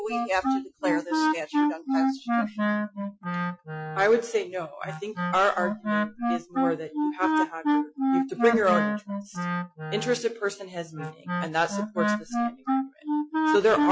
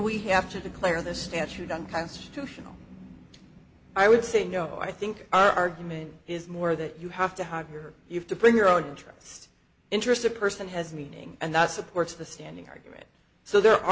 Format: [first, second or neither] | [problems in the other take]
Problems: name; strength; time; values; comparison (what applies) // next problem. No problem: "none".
second | noise reduction (classical method Wiener filter)